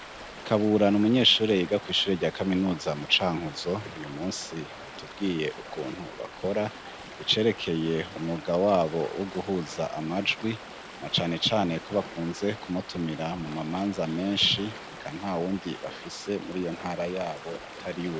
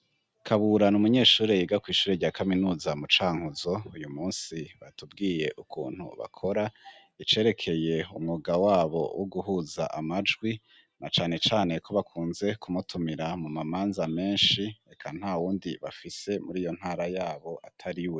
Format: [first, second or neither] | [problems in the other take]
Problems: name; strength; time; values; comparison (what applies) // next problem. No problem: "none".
second | background sound (Stream); 14 dB below the speech